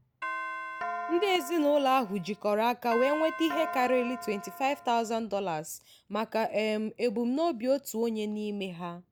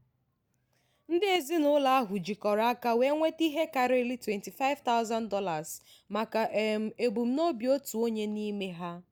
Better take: second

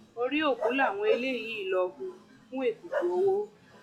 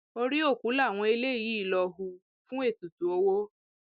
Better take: second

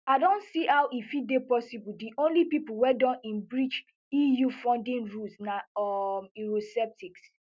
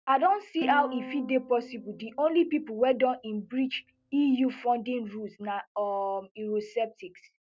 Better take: first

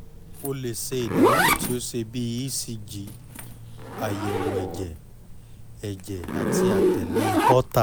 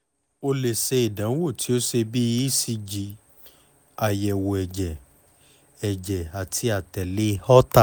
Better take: second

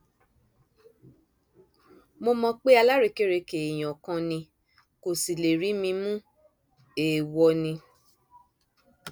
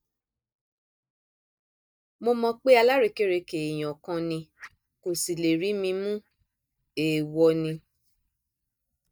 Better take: first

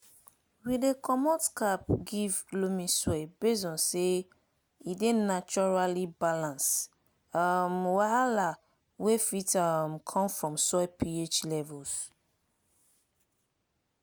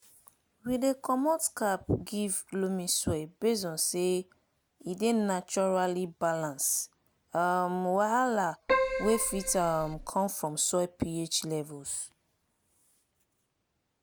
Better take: first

